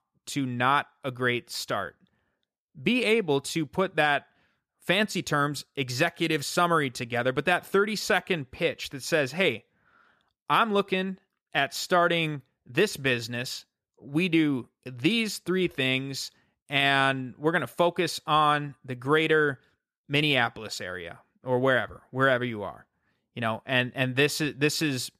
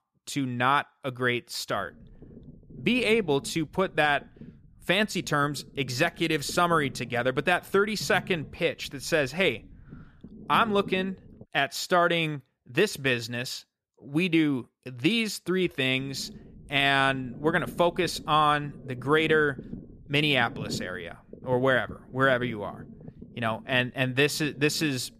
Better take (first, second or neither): first